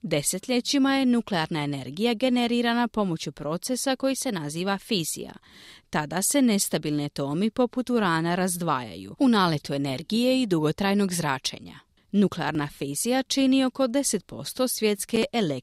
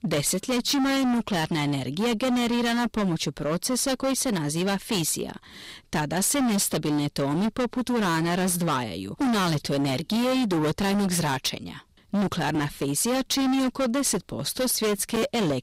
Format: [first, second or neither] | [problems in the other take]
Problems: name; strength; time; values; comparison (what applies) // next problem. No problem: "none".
first | distortion; heavy; 27% of the sound clipped